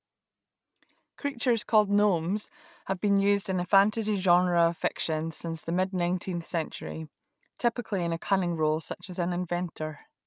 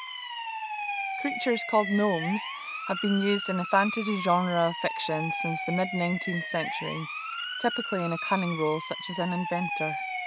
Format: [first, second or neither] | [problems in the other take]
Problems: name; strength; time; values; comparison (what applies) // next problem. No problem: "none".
first | background sound (Siren); 5 dB below the speech